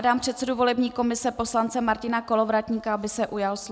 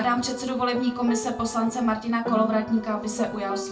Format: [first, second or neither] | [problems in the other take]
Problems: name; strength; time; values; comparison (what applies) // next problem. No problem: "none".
first | background sound (Piano); 9 dB below the speech // room echo; dies away in 0.3 s